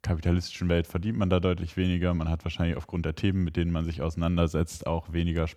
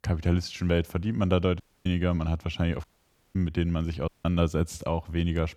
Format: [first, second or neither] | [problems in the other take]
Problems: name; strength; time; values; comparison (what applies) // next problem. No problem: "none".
first | audio cutting out; at 1.5 s, at 3 s for 0.5 s and at 4 s